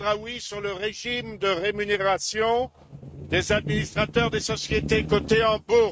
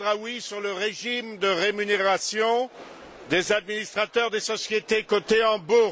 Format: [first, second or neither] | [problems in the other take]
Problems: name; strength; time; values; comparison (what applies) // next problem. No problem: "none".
second | noise reduction (neural mask model RNNoise)